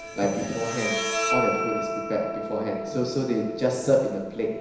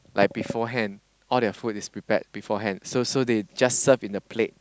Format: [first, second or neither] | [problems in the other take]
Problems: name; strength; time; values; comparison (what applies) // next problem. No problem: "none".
second | background sound (Bowed string instrument); 4 dB below the speech // room echo; dies away in 1 s